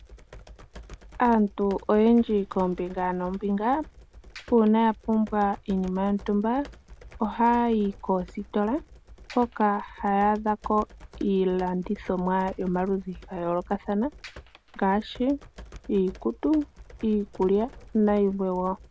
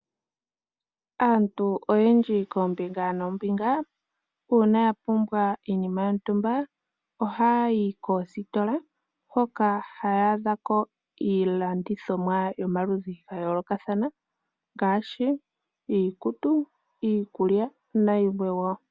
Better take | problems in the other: second | background sound (Computer keyboard); 20 dB below the speech

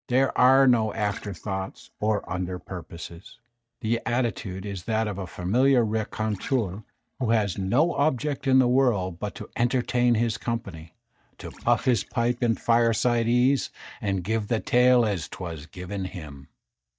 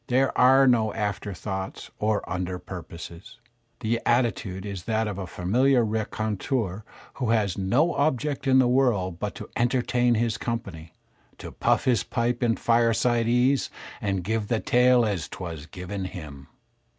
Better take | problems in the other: second | noise reduction (neural mask model DeepFilterNet 3)

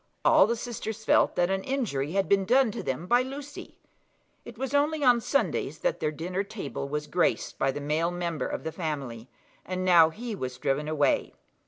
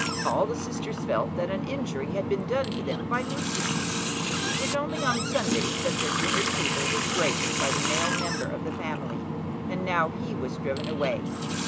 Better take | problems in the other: first | background sound (Water tap, faucet); 3 dB above the speech

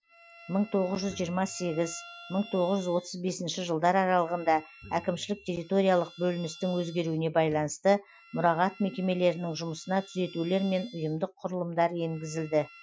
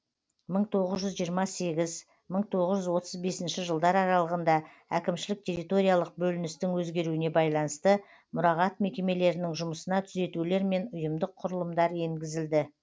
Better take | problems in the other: second | noise reduction (classical method Wiener filter)

